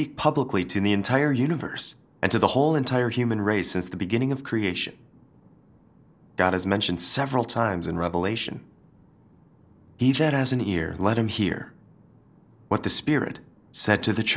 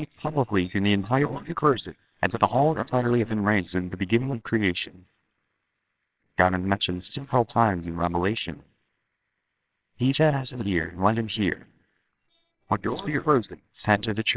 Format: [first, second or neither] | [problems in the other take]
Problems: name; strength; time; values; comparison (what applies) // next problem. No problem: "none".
first | noise reduction (neural separator model SepFormer WHAMR!)